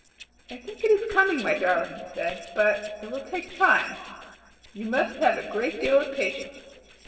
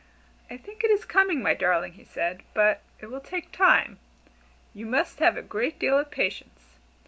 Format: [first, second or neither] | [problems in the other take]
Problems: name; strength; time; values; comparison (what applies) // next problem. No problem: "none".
second | noise reduction (neural separator model SepFormer DNS4)